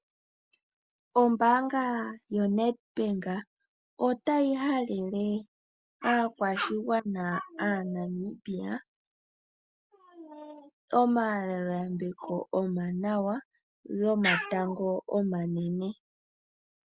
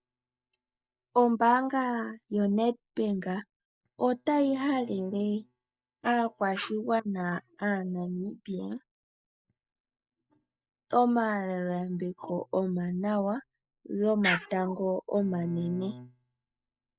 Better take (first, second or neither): first